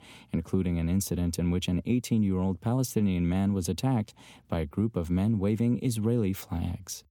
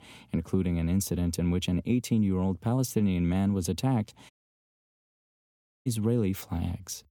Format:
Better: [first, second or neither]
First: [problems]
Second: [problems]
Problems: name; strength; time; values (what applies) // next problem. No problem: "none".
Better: first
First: none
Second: audio cutting out; at 4.5 s for 1.5 s